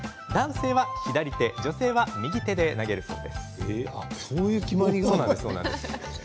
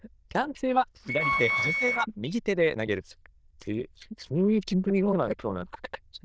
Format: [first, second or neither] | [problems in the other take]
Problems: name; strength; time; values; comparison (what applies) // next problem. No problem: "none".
first | noise reduction (neural diffusion model UNIVERSE++)